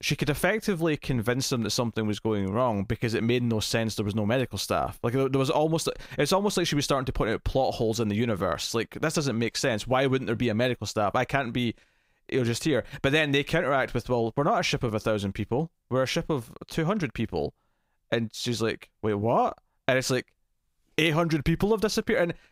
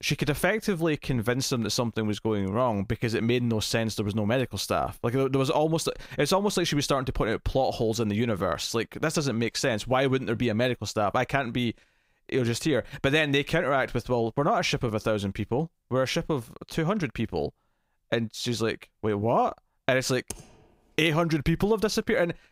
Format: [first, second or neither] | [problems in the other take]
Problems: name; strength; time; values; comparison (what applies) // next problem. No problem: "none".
first | keyboard typing; faint; at 20 s; peak 15 dB below the speech